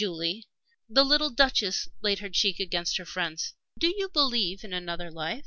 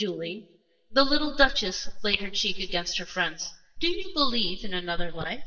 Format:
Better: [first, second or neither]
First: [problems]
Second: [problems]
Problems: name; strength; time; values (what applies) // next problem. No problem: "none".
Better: first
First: none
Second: noise reduction (neural mask model DeepFilterNet 3)